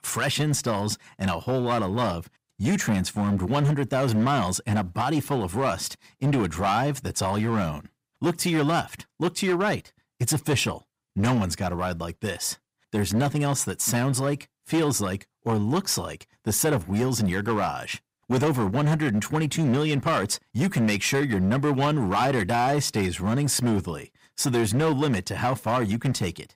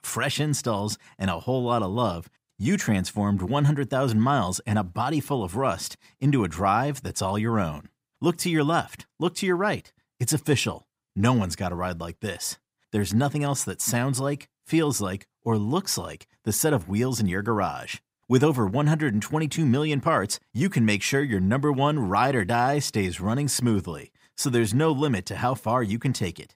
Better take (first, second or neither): second